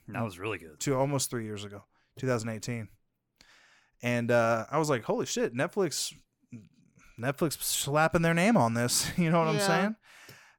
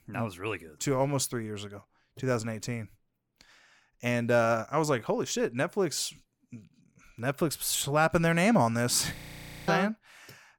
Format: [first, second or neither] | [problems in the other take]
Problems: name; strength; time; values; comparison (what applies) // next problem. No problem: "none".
first | audio freezing; at 9 s for 0.5 s